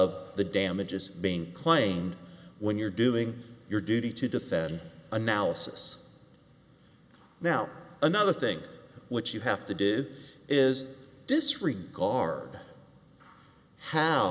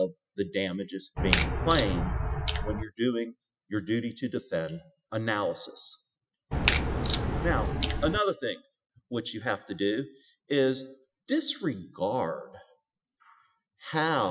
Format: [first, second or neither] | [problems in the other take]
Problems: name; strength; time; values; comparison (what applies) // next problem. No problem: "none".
first | noise reduction (classical method Wiener filter)